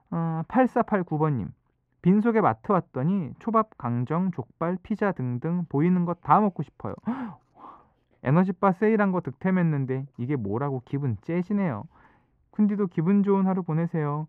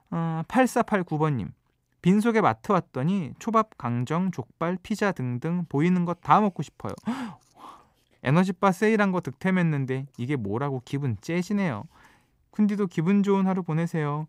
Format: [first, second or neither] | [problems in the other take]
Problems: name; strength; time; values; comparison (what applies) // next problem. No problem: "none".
second | muffled; very; fading above 3 kHz